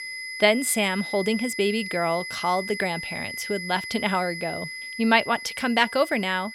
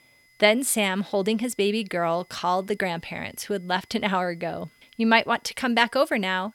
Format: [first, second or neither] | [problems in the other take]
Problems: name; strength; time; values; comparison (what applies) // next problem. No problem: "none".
second | high-pitched whine; loud; throughout; 2 kHz, 8 dB below the speech; faint in the second